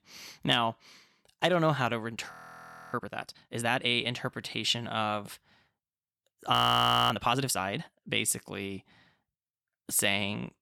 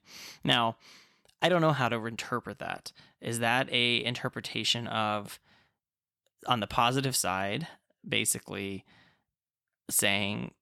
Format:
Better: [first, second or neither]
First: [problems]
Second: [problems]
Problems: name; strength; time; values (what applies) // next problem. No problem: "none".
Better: second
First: audio freezing; at 2.5 s for 0.5 s and at 6.5 s for 0.5 s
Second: none